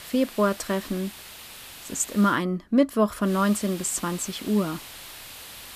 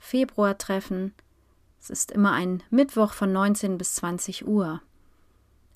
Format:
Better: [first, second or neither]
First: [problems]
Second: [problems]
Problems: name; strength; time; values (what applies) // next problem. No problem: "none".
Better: second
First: hiss; noticeable; until 2.5 s and from 3.5 s on; 15 dB below the speech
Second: none